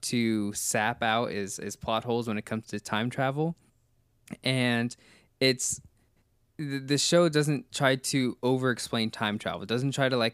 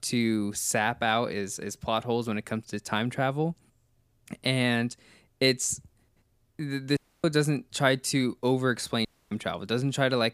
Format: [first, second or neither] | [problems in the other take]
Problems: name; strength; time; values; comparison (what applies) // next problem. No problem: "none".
first | audio cutting out; at 7 s and at 9 s